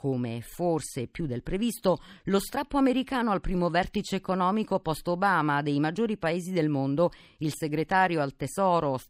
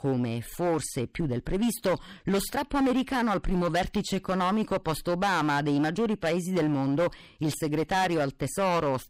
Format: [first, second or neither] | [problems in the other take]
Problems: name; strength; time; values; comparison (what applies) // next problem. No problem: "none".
first | distortion; heavy; 13% of the sound clipped